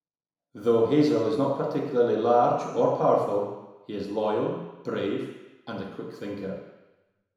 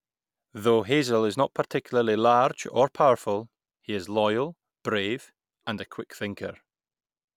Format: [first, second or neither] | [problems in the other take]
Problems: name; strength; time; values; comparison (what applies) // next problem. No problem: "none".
second | room echo; dies away in 1 s